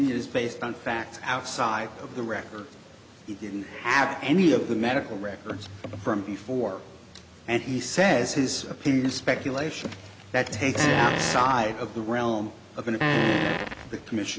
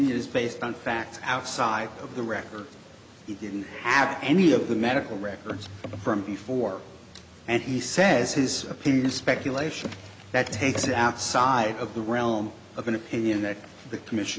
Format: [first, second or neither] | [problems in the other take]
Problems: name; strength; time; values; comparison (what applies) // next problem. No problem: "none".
second | background sound (Fart); as loud as the speech